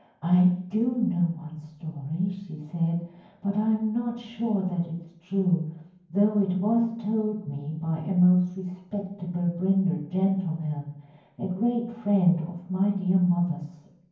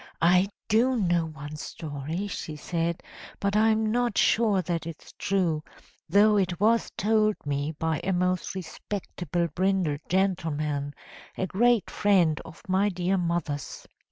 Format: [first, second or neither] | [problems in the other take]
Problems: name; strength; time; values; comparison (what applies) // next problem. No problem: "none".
second | room echo; dies away in 0.9 s